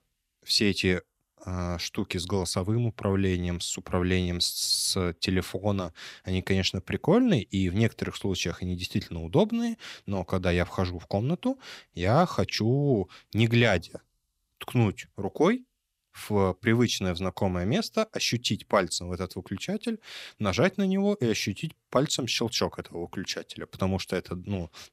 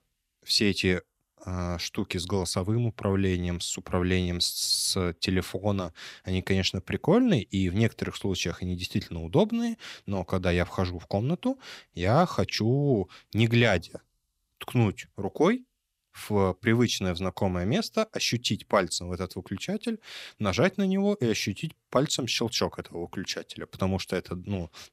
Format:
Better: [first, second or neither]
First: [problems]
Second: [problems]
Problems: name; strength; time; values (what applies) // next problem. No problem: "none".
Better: neither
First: none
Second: none